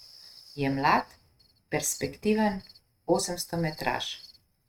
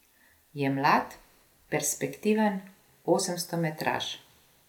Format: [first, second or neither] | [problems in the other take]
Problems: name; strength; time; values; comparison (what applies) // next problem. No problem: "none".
second | noise reduction (neural mask model RNNoise)